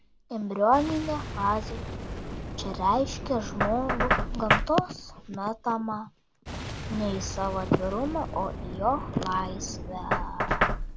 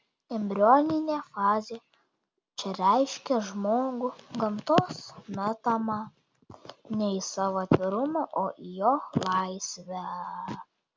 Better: second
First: background sound (Knock + Boom); 2 dB below the speech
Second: none

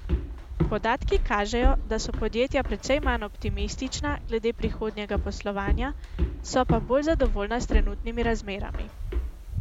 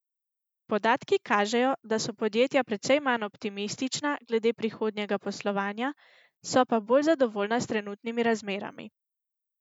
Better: second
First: background sound (Walk, footsteps); as loud as the speech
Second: none

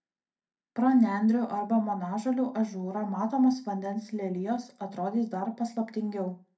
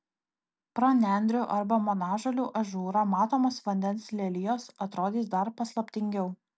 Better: second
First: room echo; dies away in 0.3 s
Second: none

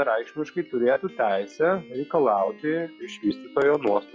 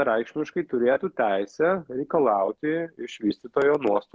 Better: second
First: noise reduction (classical method log-MMSE)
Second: none

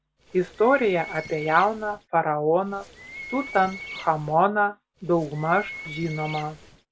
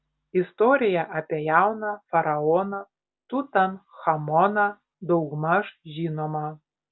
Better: second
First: background sound (Bird); 15 dB below the speech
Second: none

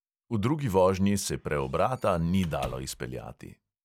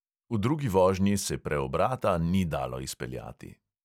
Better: second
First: background sound (Squeak / Slam); 20 dB below the speech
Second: none

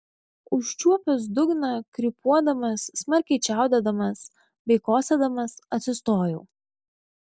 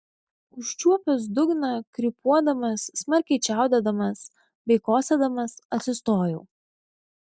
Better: first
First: none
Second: noise reduction (neural mask model DeepFilterNet 3)

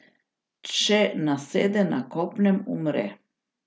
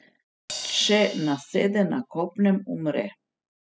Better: first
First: none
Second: noise reduction (classical method spectral subtraction)

